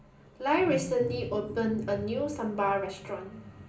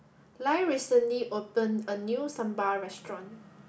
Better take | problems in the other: second | background sound (Wild animals); 12 dB below the speech // room echo; dies away in 0.5 s

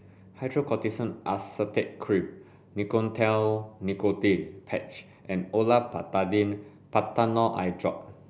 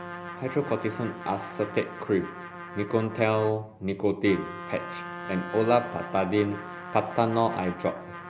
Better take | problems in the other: first | background sound (Trumpet); 12 dB below the speech

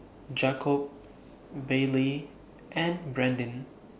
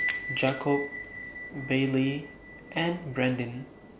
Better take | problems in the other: first | background sound (Door / Bell); 9 dB below the speech

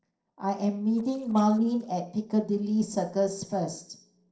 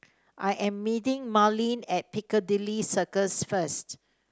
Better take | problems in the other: second | noise reduction (neural separator model SepFormer DNS4)

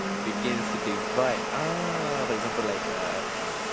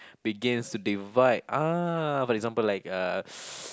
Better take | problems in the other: second | background sound (Domestic sounds, home sounds); 2 dB above the speech

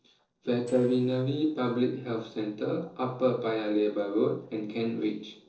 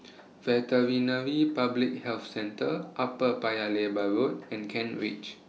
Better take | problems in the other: second | noise reduction (neural separator model SepFormer DNS4)

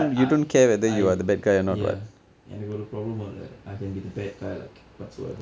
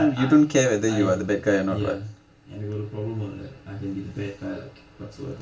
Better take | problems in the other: first | room echo; dies away in 0.2 s

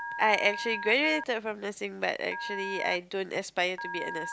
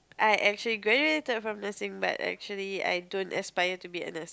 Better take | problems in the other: second | background sound (Telephone); 9 dB below the speech

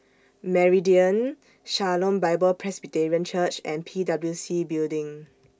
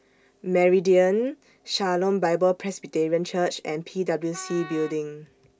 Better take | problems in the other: first | background sound (Wind instrument, woodwind instrument); 18 dB below the speech

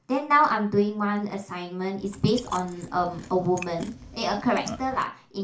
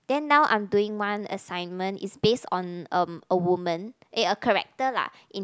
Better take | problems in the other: second | background sound (Chewing, mastication); 14 dB below the speech // room echo; dies away in 0.3 s

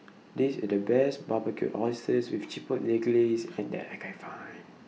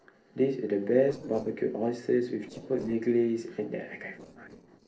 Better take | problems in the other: first | noise reduction (neural separator model SepFormer DNS4)

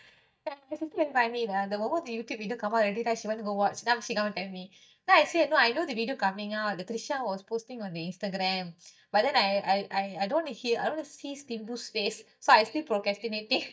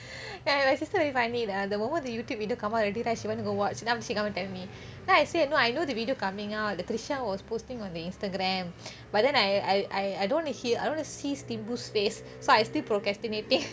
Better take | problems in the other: second | noise reduction (neural mask model DeepFilterNet 3)

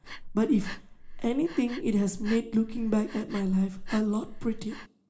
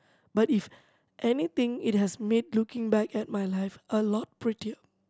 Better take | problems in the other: second | background sound (Breathing); 10 dB below the speech // room echo; dies away in 0.4 s

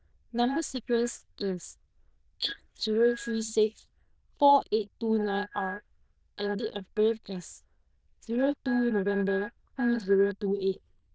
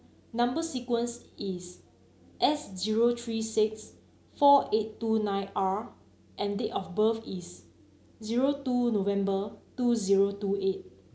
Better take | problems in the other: second | noise reduction (neural diffusion model UNIVERSE++)

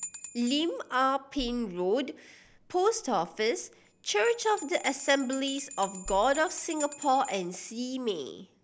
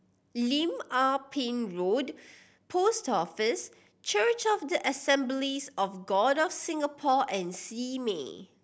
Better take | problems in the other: second | background sound (Bell + Bass drum); 16 dB below the speech

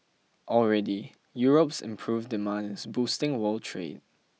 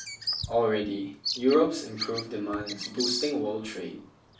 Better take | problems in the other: first | background sound (Bird vocalization, bird call, bird song); 8 dB below the speech // room echo; dies away in 0.4 s

